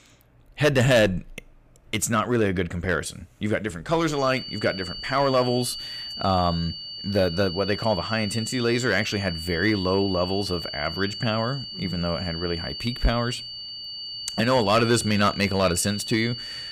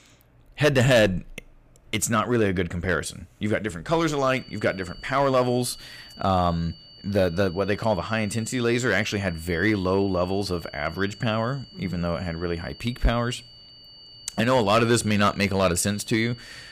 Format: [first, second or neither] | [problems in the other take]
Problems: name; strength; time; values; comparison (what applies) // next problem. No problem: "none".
second | high-pitched whine; loud; from 4 s on; 4.5 kHz, 8 dB below the speech; faint in the second